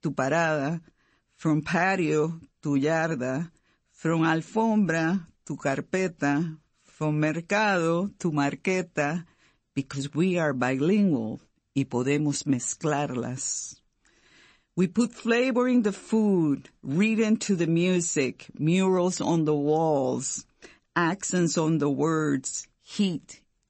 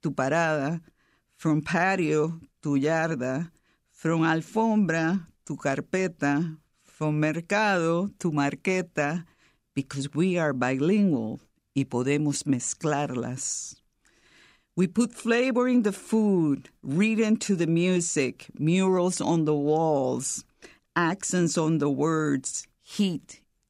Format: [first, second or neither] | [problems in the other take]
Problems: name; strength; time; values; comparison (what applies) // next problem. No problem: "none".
second | garbled, watery; slightly; nothing above 8 kHz